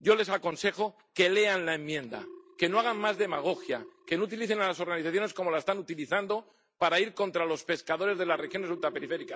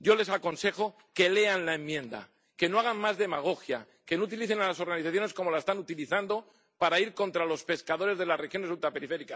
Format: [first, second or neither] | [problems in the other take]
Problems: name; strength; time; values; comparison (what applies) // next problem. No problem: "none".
second | noise reduction (neural mask model DeepFilterNet 3)